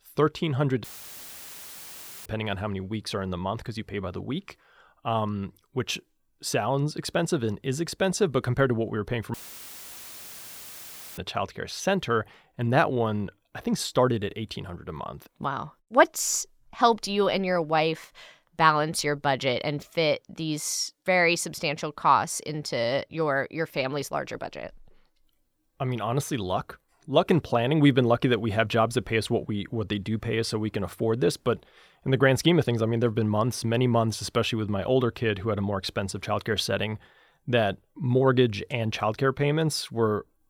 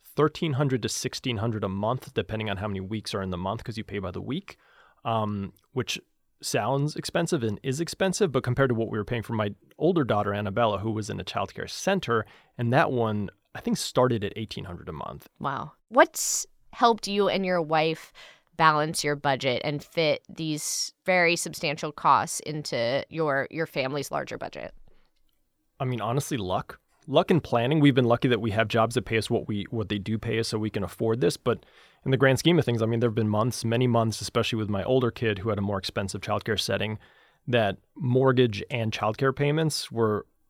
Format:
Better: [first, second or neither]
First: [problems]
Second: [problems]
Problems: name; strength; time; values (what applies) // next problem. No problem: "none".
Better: second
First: audio cutting out; filled with static; at 1 s for 1.5 s and at 9.5 s for 2 s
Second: none